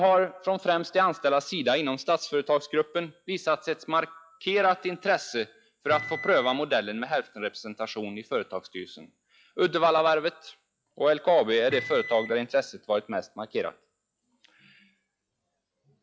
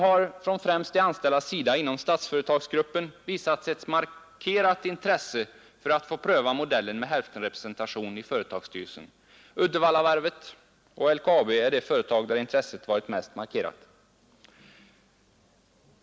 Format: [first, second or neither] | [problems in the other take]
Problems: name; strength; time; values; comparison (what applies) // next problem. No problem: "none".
second | noise reduction (classical method log-MMSE)